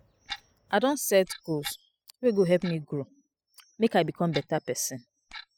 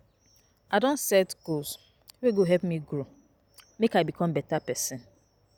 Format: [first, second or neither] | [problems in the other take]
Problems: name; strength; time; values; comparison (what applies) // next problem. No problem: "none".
second | noise reduction (classical method spectral subtraction)